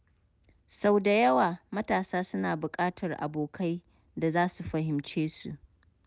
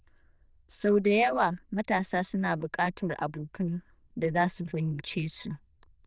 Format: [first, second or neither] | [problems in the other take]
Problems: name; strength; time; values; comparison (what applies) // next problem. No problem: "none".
first | noise reduction (neural diffusion model UNIVERSE++)